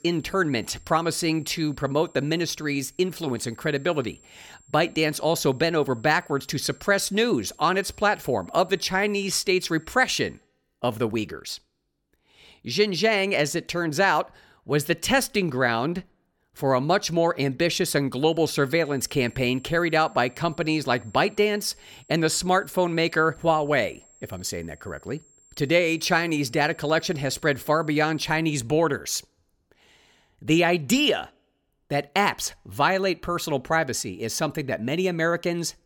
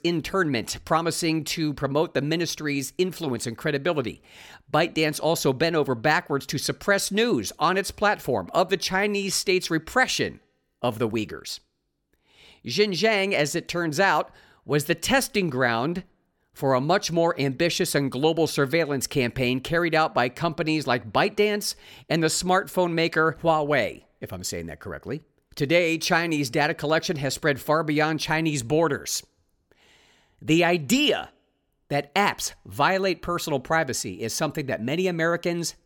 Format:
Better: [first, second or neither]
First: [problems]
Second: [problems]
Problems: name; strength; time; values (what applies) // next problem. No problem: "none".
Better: second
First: high-pitched whine; faint; until 10 s and from 18 to 28 s; 7.5 kHz, 30 dB below the speech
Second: none